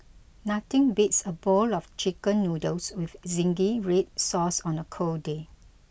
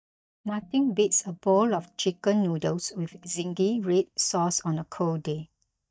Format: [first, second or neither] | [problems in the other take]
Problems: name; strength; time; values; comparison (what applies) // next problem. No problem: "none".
first | noise reduction (neural mask model DeepFilterNet 3)